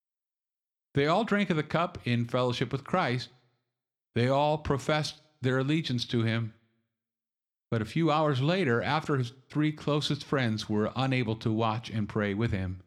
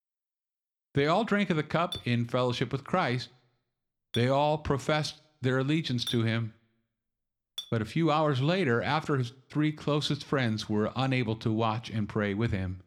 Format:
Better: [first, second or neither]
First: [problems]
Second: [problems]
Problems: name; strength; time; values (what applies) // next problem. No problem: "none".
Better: first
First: none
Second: clattering dishes; noticeable; from 2 to 7.5 s; peak 8 dB below the speech